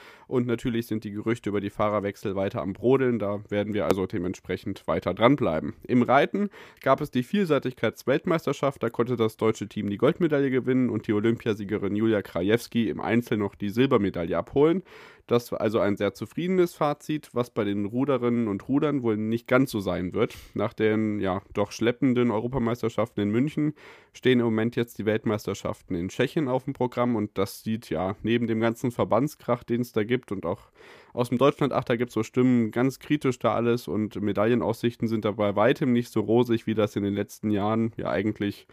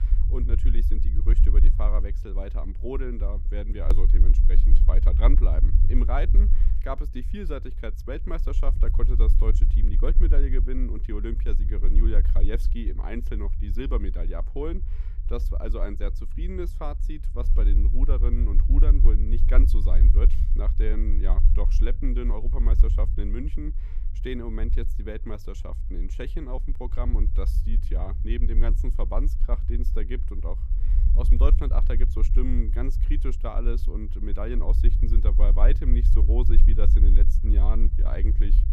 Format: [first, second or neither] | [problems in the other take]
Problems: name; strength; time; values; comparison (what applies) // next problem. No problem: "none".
first | low rumble; loud; throughout; 9 dB below the speech